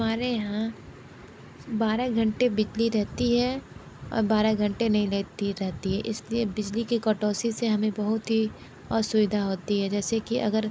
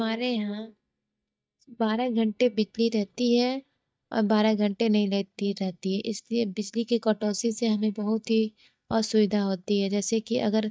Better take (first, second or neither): first